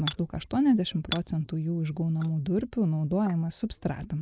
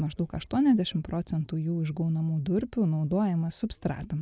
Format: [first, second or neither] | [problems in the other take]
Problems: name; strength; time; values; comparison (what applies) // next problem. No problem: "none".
second | noise reduction (neural mask model Resemble Enhance denoiser)